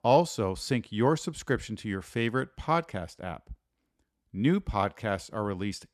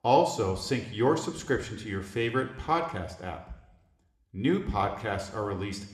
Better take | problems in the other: first | room echo; very slight; dies away in 0.8 s

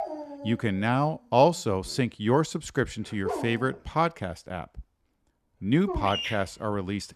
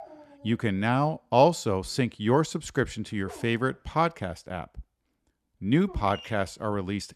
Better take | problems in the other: second | animal sounds; loud; throughout; 8 dB below the speech; faint in the second

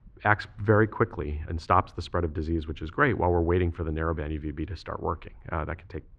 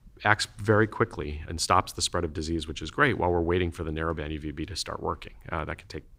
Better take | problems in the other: second | muffled; very; fading above 2 kHz

